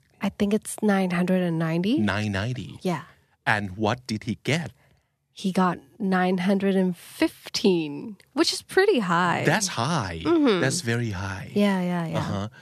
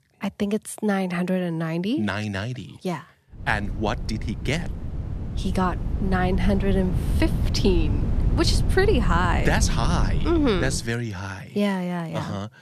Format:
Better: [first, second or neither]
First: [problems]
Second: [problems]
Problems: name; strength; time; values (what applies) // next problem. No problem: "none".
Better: first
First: none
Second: wind noise on the microphone; occasional gusts; from 3.5 to 11 s; 10 dB below the speech